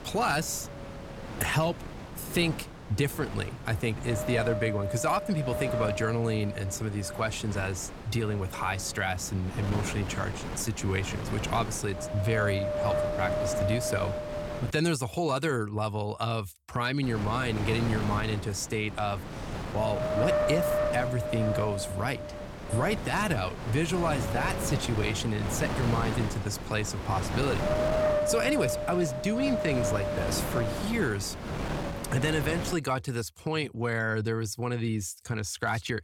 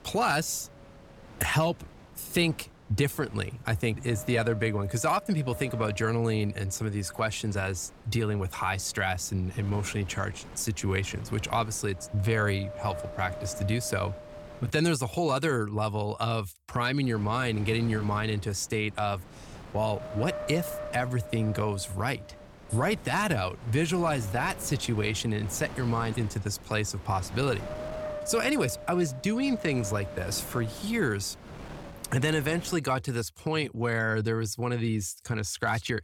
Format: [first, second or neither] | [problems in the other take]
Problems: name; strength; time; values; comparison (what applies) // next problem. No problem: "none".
second | wind noise on the microphone; heavy; until 15 s and from 17 to 33 s; 1 dB below the speech; occasional gusts in the second